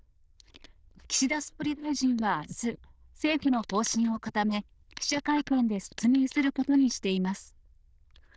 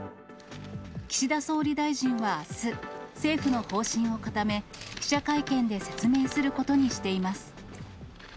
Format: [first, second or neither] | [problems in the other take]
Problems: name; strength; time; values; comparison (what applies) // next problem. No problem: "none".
second | noise reduction (neural diffusion model UNIVERSE++)